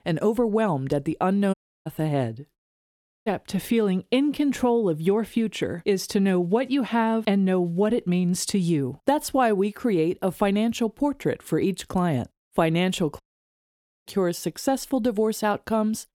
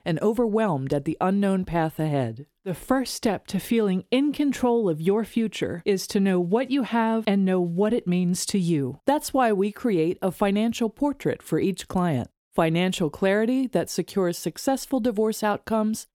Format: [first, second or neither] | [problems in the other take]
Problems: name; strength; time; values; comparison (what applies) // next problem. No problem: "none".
second | audio cutting out; at 1.5 s, at 2.5 s for 0.5 s and at 13 s for 1 s